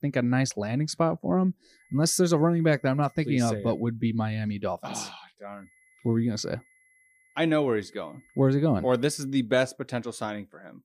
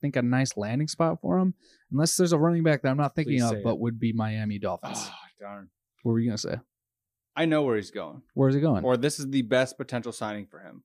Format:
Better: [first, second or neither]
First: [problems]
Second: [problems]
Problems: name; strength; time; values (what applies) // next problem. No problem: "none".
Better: second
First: high-pitched whine; faint; from 1.5 to 4 s and from 5.5 to 9.5 s; 2 kHz, 35 dB below the speech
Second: none